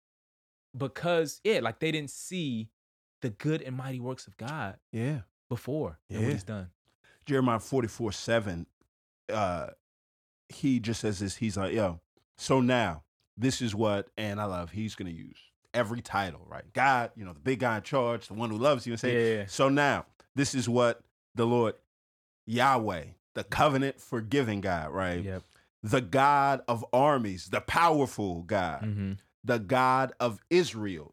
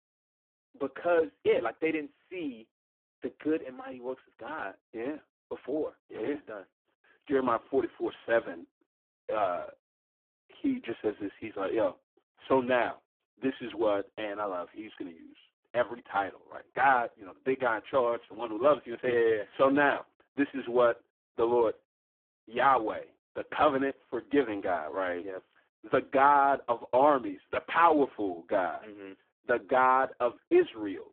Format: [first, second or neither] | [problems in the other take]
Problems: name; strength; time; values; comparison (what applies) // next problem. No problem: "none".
first | phone-call audio; poor line